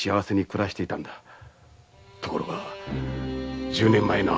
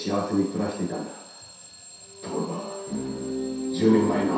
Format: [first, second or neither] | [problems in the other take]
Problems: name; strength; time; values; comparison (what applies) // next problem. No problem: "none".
first | background sound (Alarm / Clock); 18 dB below the speech // room echo; dies away in 0.7 s